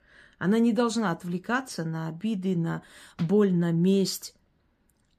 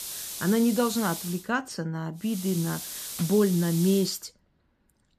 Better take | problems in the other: first | hiss; loud; until 1.5 s and from 2.5 to 4 s; 8 dB below the speech

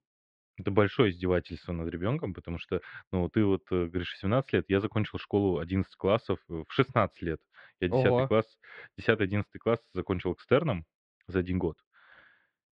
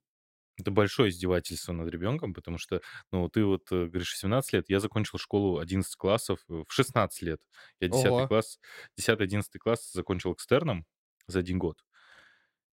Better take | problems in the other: second | muffled; very; fading above 3 kHz

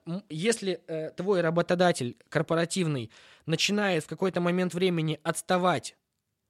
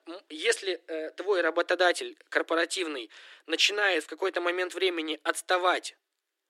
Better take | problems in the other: first | thin; very; fading below 300 Hz

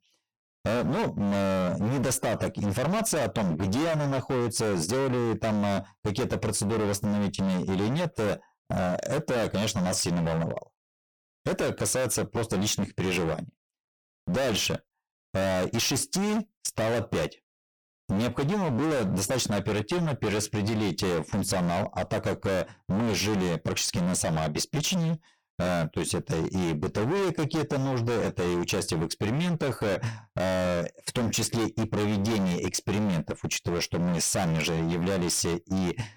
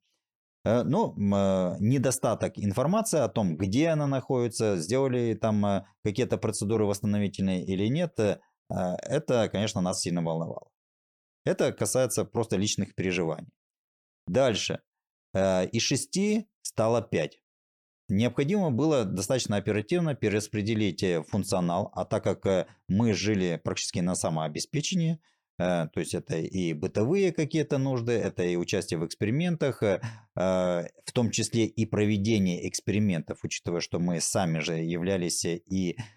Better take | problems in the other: second | distortion; heavy; 34% of the sound clipped

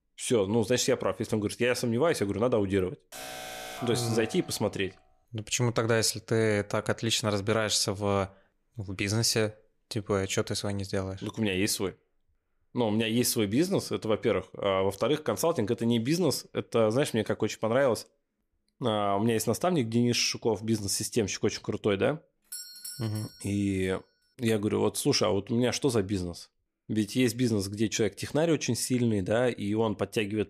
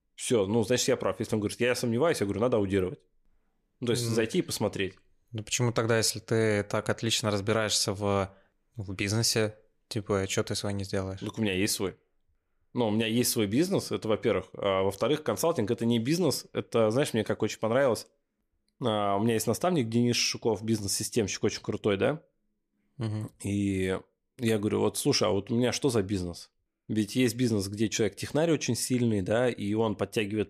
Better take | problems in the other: second | alarm; faint; from 3 to 5 s; peak 10 dB below the speech // doorbell; noticeable; at 23 s; peak 10 dB below the speech

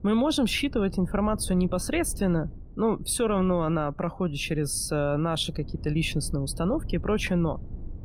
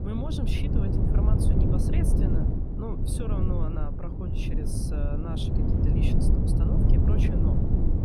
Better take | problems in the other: first | wind noise on the microphone; heavy; 4 dB above the speech; occasional gusts in the first

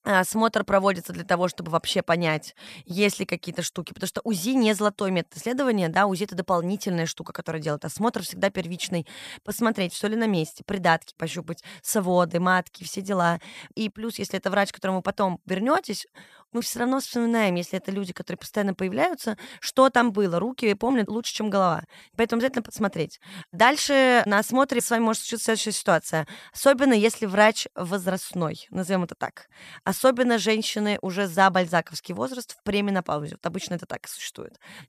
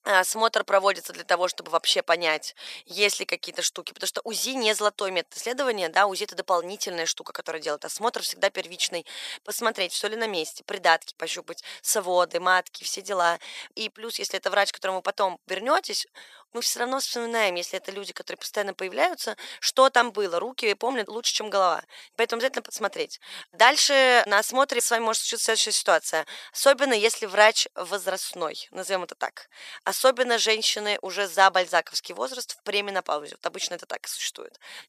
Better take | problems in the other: first | thin; very; fading below 400 Hz

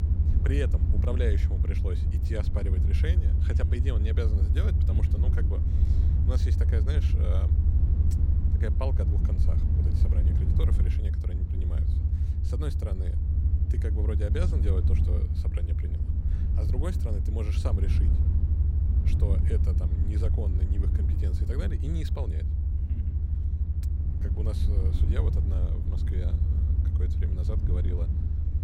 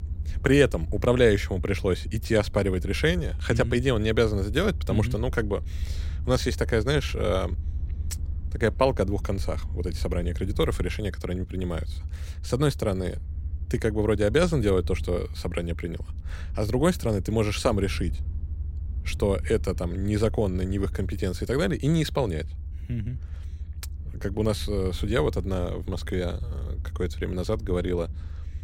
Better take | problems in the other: second | low rumble; loud; throughout; 1 dB below the speech; faint in the second

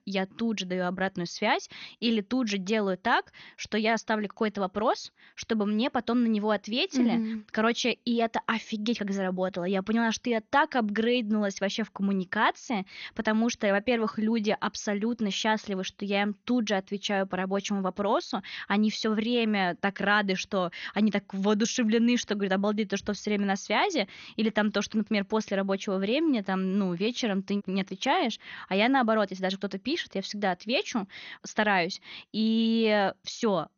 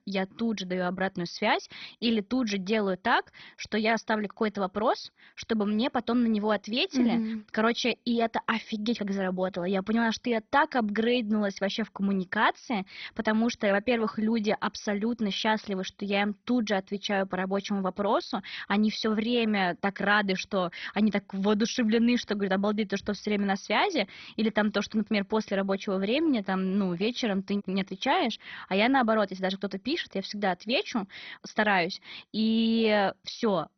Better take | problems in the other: first | garbled, watery; badly; nothing above 6 kHz; slightly in the first

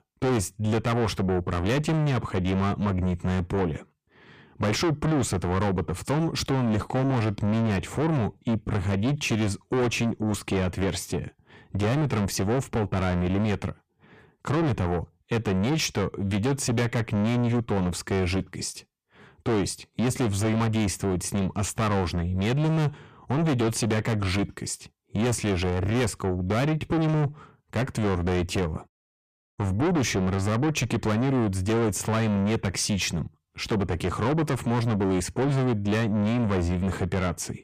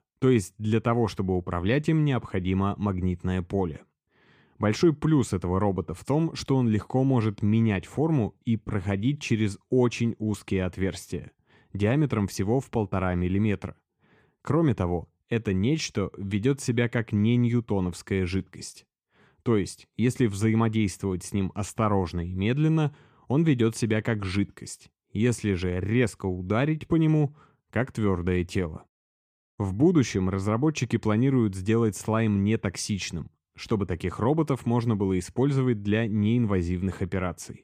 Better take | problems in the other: second | distortion; heavy; 6 dB below the speech

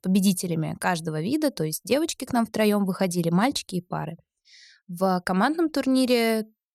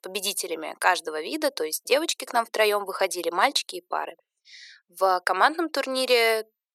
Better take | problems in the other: first | thin; very; fading below 350 Hz

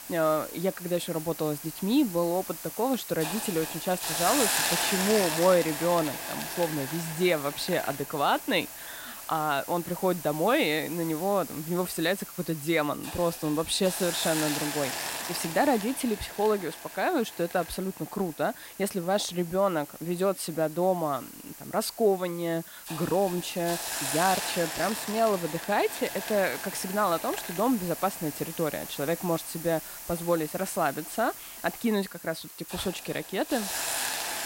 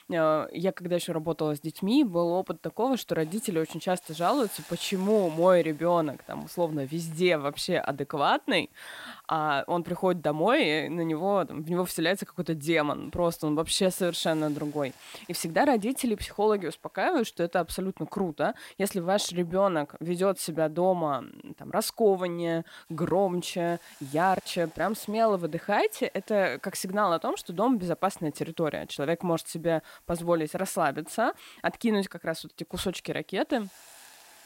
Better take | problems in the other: second | hiss; loud; throughout; 6 dB below the speech; faint in the second

